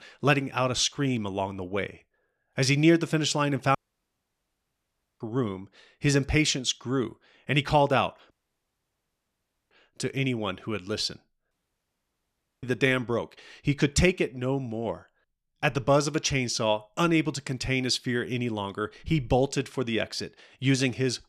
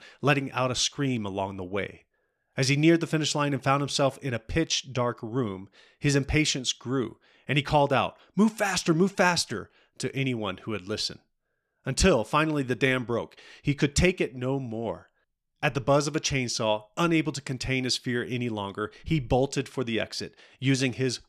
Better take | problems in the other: second | audio cutting out; at 4 s for 1.5 s, at 8.5 s for 1.5 s and at 12 s for 1 s

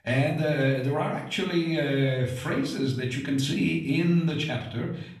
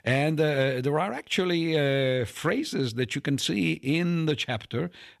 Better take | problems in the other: second | off-mic speech; far // room echo; slight; dies away in 0.6 s

